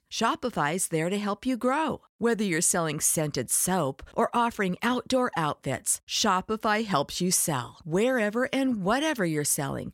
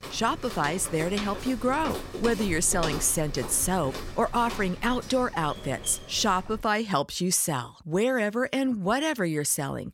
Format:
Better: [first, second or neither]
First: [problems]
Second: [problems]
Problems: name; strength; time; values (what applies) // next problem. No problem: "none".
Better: first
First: none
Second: footsteps; noticeable; until 6.5 s; peak 6 dB below the speech